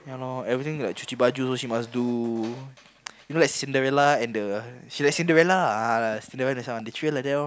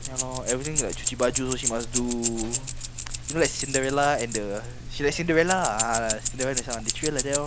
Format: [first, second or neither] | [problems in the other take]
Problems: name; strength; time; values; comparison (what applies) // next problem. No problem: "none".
first | background sound (Keys jangling); 2 dB below the speech